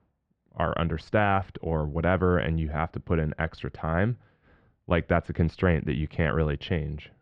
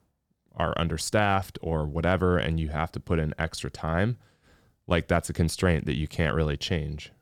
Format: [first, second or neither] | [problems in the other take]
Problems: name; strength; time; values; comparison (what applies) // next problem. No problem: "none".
second | muffled; very; fading above 2.5 kHz